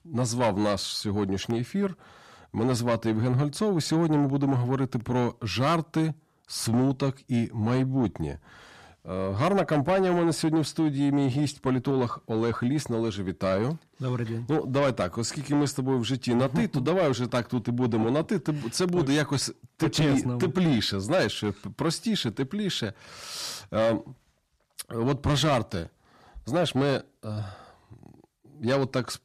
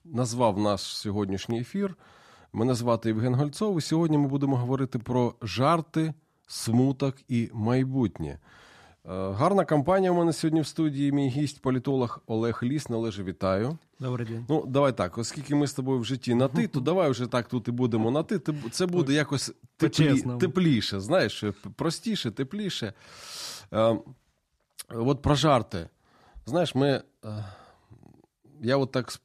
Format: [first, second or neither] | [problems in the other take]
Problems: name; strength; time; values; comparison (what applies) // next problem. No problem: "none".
second | distortion; slight; 10 dB below the speech